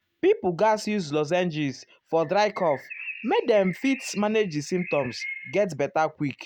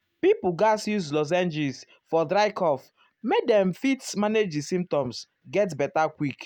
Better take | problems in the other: second | background sound (Bird); 14 dB below the speech

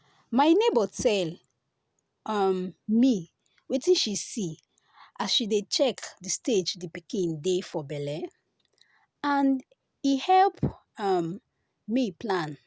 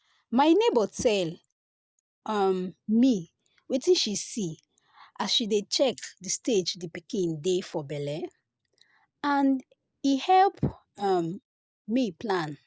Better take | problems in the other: first | noise reduction (neural mask model Resemble Enhance denoiser)

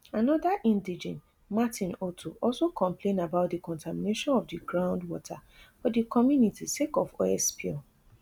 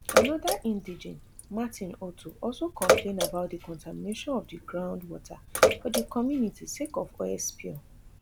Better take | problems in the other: first | background sound (Bathtub (filling or washing) / Water / Splash, splatter); 2 dB above the speech

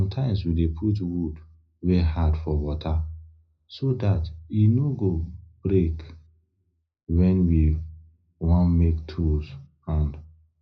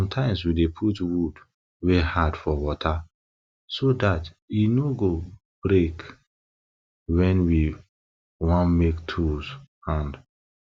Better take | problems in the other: second | room echo; dies away in 0.3 s

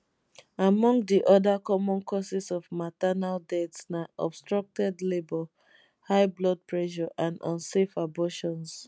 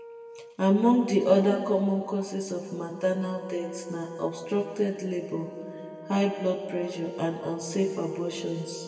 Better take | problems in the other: first | background sound (Brass instrument); 17 dB below the speech // room echo; dies away in 2 s

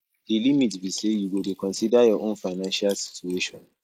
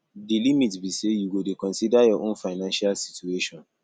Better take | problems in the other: second | noise reduction (neural mask model Resemble Enhance denoiser)

